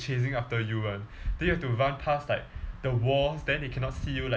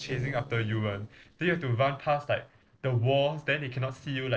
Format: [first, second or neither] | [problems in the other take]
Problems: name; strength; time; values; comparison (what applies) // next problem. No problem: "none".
first | noise reduction (neural separator model SepFormer DNS4)